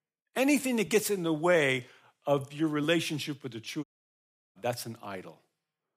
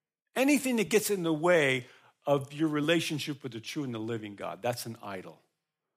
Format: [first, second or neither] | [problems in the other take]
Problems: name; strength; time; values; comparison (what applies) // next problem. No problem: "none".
second | audio cutting out; at 4 s for 0.5 s